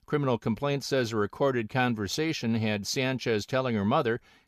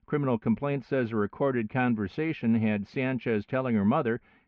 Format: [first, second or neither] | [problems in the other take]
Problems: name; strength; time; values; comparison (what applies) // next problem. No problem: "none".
first | muffled; very; fading above 2.5 kHz